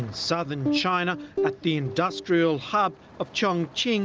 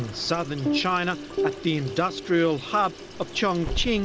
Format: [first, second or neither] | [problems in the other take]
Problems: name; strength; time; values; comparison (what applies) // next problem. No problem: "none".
first | background sound (Growling / Hiss + Sink (filling or washing) / Water tap, faucet); 11 dB below the speech